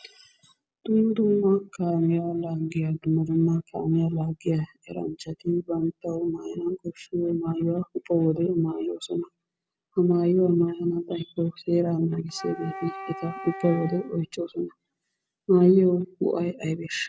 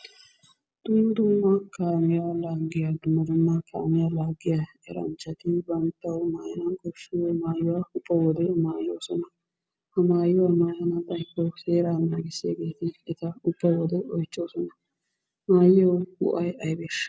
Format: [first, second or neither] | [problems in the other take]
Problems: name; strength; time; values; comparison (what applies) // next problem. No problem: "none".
second | background sound (Wind instrument, woodwind instrument); 14 dB below the speech